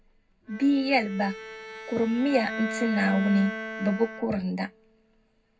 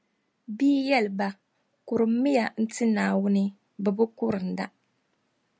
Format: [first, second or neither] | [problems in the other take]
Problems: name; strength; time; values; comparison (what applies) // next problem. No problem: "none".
second | background sound (Bowed string instrument); 10 dB below the speech // room echo; dies away in 0.3 s